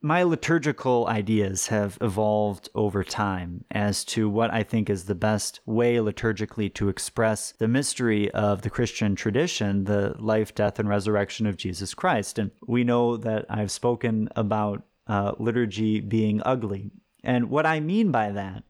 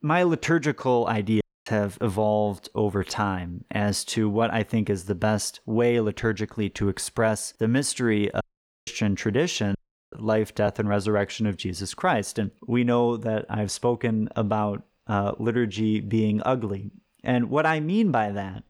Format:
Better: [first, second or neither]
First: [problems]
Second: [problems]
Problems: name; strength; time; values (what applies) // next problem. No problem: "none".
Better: first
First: none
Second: audio cutting out; at 1.5 s, at 8.5 s and at 10 s